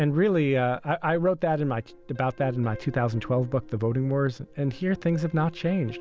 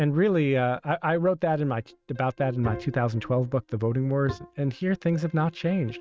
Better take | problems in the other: first | noise reduction (neural mask model RNNoise)

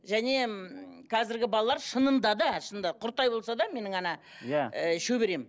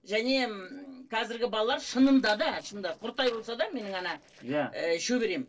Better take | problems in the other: first | noise reduction (neural separator model SepFormer DNS4)

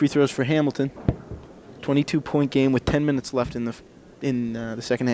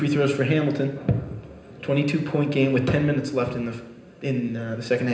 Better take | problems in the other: first | room echo; dies away in 0.9 s

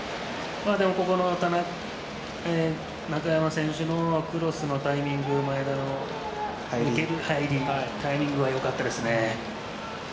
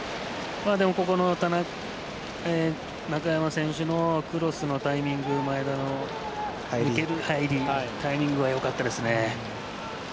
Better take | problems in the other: second | room echo; dies away in 0.7 s

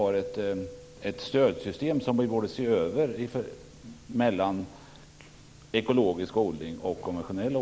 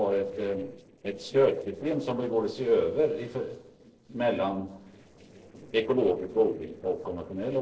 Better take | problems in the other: first | noise reduction (neural separator model SepFormer DNS4)

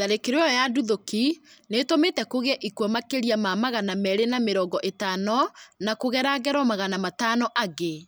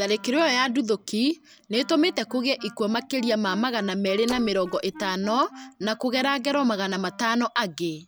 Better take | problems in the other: first | background sound (Splash, splatter + Wind instrument, woodwind instrument); 19 dB below the speech

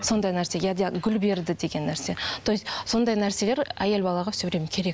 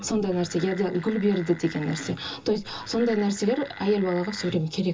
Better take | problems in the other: first | background sound (Wood); 17 dB below the speech // room echo; dies away in 0.2 s

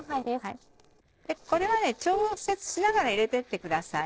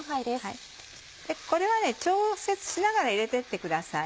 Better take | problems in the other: second | noise reduction (neural separator model SepFormer DNS4)

